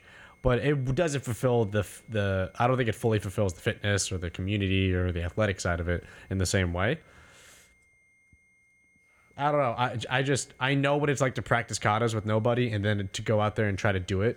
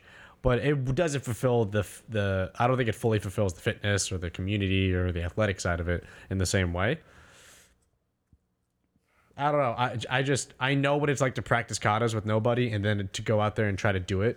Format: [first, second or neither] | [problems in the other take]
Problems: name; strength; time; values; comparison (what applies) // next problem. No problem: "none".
second | high-pitched whine; faint; throughout; 2 kHz, 35 dB below the speech